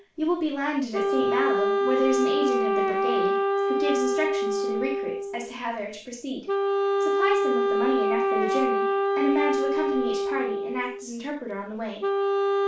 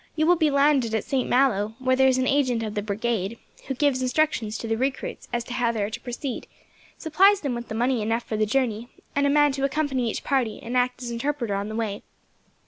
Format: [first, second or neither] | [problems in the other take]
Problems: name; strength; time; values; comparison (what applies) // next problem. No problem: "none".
second | background sound (Wind instrument, woodwind instrument); 5 dB above the speech // room echo; dies away in 0.3 s